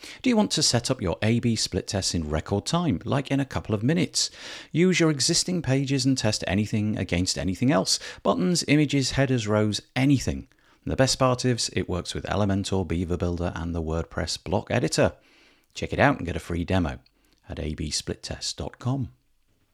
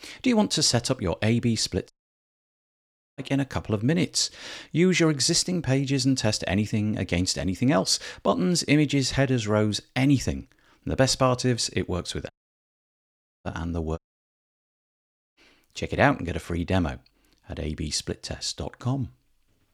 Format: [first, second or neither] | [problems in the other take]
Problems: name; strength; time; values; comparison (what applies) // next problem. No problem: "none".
first | audio cutting out; at 2 s for 1.5 s, at 12 s for 1 s and at 14 s for 1.5 s